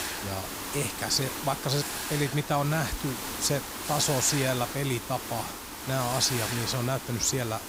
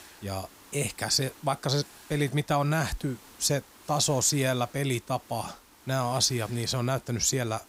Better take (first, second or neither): second